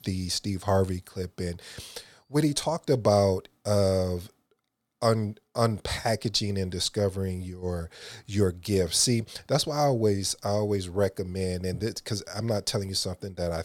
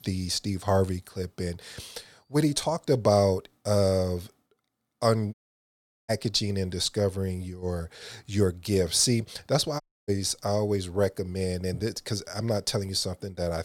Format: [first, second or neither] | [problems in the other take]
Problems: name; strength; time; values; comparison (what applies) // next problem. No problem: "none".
first | audio cutting out; at 5.5 s for 0.5 s and at 10 s